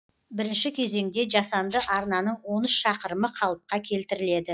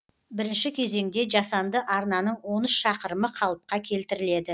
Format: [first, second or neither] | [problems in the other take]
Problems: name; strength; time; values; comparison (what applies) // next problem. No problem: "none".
second | noise reduction (classical method log-MMSE)